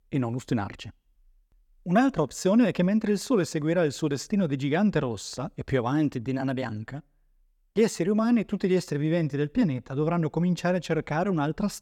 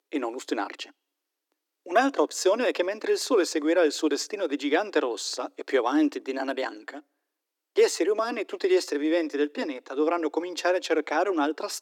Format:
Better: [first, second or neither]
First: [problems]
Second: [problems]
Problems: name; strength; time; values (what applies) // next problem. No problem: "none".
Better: first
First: none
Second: thin; somewhat; fading below 300 Hz